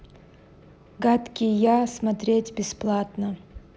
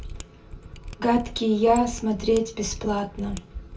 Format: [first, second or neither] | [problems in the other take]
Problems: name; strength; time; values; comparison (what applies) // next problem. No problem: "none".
first | background sound (Mechanisms); 14 dB below the speech // room echo; dies away in 0.2 s